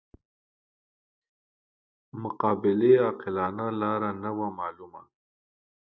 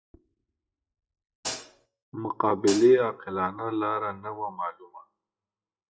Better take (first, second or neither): first